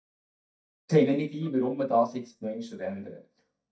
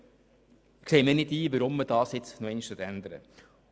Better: second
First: noise reduction (neural mask model DeepFilterNet 3)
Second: none

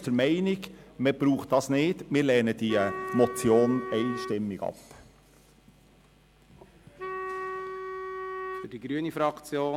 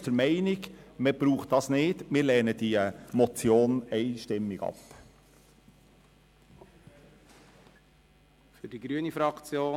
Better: second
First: background sound (Wind instrument, woodwind instrument); 9 dB below the speech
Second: none

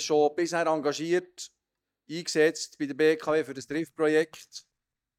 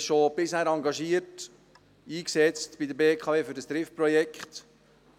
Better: second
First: noise reduction (neural mask model DeepFilterNet 3)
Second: none

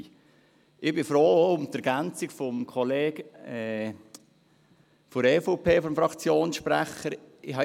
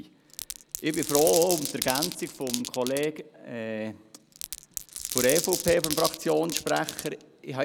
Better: first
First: none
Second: background sound (Glass); 5 dB below the speech

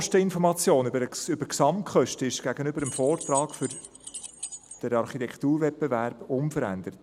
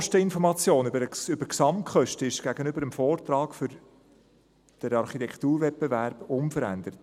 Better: second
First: background sound (Keys jangling); 12 dB below the speech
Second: none

